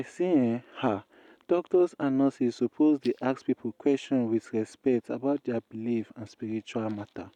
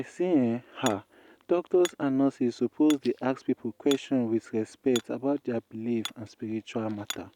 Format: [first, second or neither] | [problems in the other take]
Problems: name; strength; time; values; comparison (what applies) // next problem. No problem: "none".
first | background sound (Hammer); 17 dB below the speech